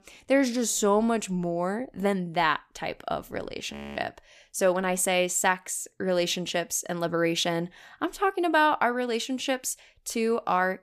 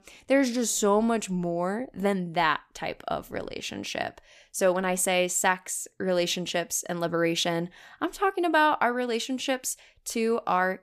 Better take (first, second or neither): second